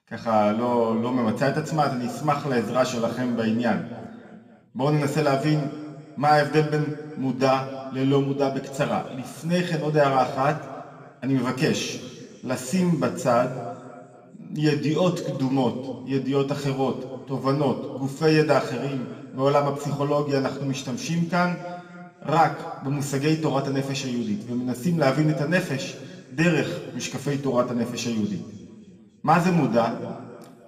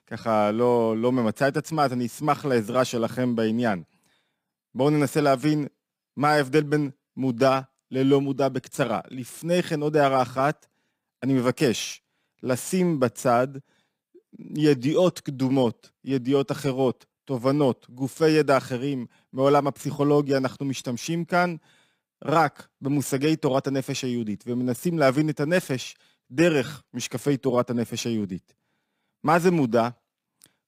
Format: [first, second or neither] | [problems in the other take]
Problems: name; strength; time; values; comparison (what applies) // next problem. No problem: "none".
second | room echo; slight; dies away in 1.9 s // off-mic speech; somewhat distant